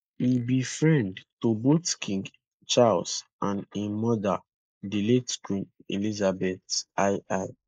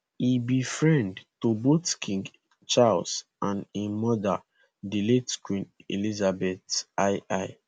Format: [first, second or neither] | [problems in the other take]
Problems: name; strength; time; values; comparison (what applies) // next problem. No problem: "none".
second | noise reduction (neural mask model Resemble Enhance denoiser)